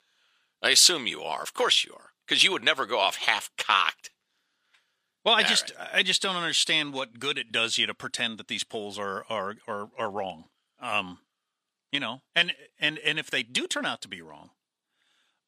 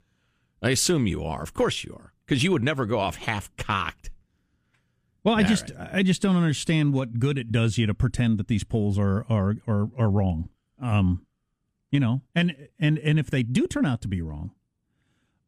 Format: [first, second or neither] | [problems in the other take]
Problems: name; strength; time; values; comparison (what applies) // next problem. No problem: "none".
second | thin; very; fading below 700 Hz